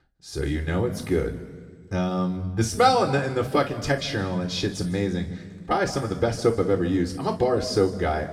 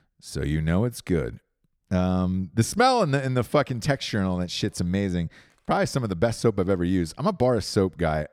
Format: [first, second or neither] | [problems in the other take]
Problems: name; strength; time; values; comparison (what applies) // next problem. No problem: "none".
second | room echo; noticeable; dies away in 1.2 s // off-mic speech; somewhat distant